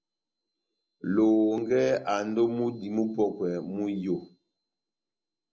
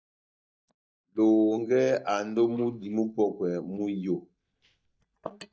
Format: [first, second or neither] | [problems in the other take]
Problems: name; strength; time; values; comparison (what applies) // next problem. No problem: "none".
first | noise reduction (neural mask model DeepFilterNet 3)